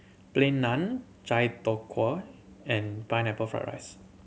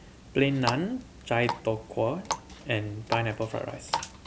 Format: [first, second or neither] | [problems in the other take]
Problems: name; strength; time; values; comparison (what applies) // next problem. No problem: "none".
first | background sound (Water tap, faucet); 8 dB below the speech